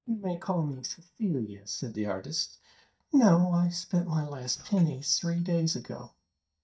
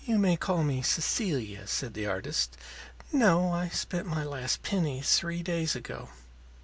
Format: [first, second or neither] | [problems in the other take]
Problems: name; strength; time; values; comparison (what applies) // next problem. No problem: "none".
second | noise reduction (neural mask model DeepFilterNet 3)